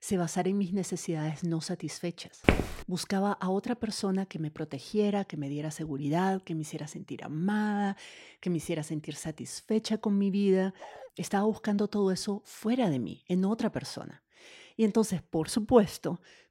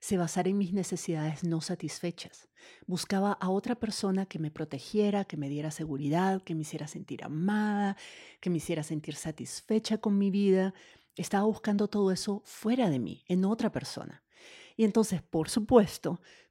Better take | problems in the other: second | footsteps; loud; at 2.5 s; peak 4 dB above the speech // dog barking; faint; at 11 s; peak 15 dB below the speech

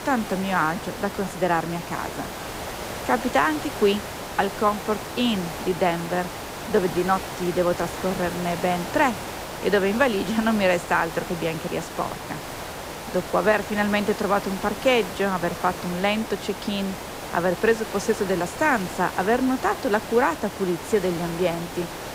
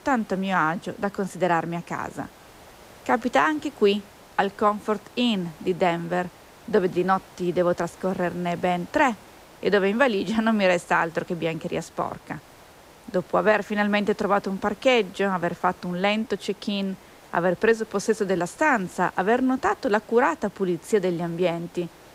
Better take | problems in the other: second | hiss; loud; throughout; 9 dB below the speech; faint in the second

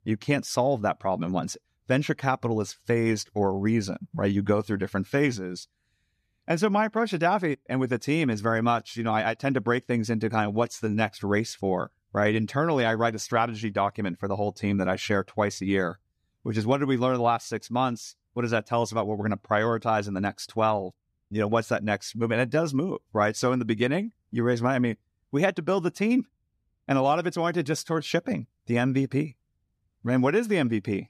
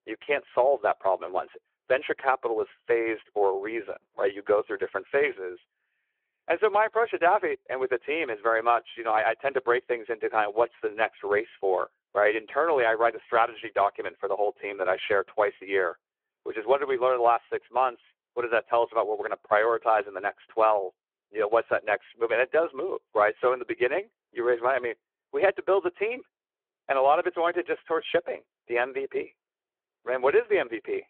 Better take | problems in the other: first | phone-call audio

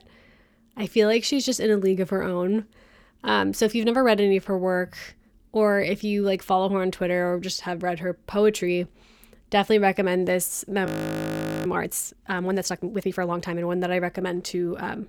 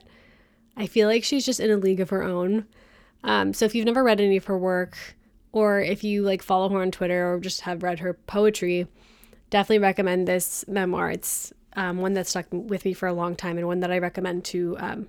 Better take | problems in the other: second | audio freezing; at 11 s for 1 s

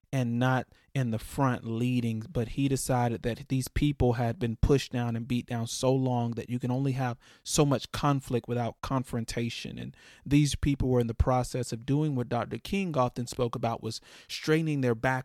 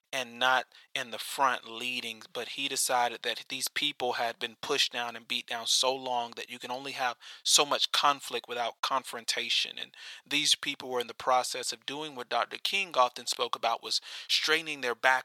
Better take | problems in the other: first | thin; very; fading below 900 Hz

